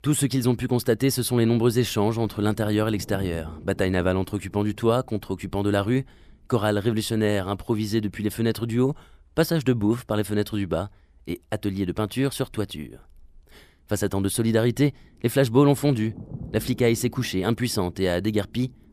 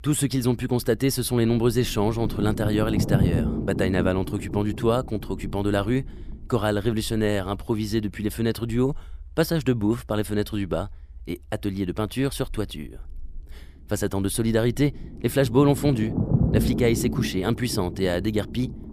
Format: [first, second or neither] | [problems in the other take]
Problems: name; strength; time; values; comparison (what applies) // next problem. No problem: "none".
first | low rumble; loud; throughout; 8 dB below the speech; faint in the first